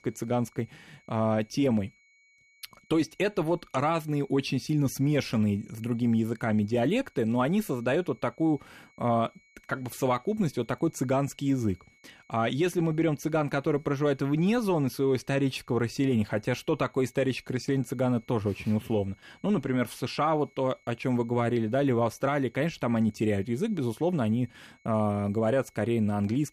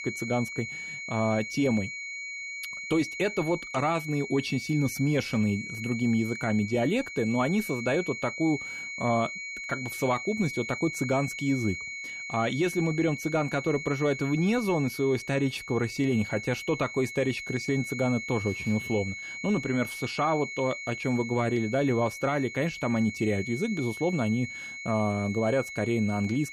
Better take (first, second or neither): first